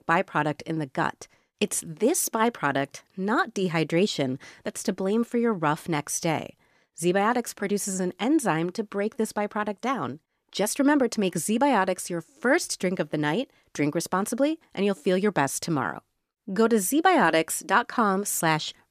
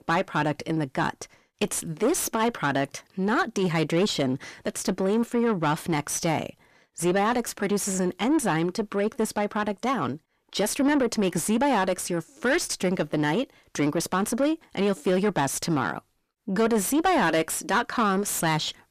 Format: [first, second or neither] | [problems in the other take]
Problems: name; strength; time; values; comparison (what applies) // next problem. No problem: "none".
first | distortion; slight; 10 dB below the speech